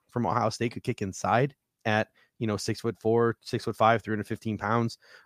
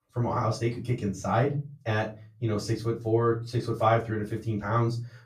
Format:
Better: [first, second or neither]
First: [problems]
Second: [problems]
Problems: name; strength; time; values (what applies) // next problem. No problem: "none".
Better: first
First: none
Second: room echo; slight; dies away in 0.4 s // off-mic speech; far